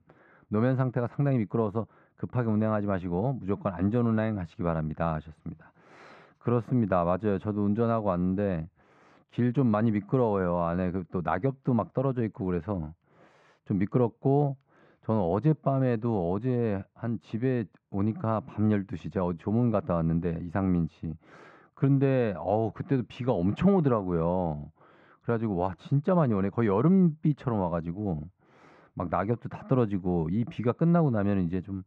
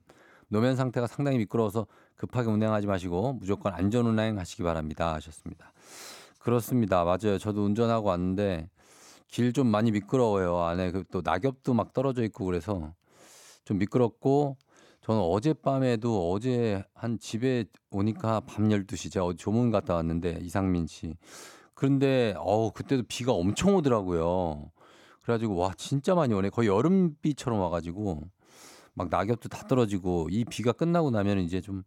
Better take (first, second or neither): second